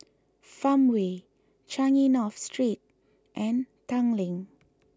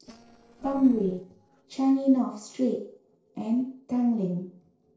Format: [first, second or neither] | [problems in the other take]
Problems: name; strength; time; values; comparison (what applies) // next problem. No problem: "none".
first | noise reduction (neural separator model SepFormer DNS4)